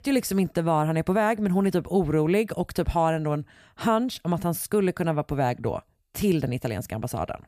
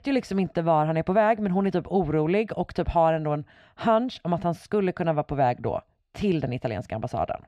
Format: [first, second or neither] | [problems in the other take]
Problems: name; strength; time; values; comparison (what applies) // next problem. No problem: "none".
first | muffled; slightly; fading above 3.5 kHz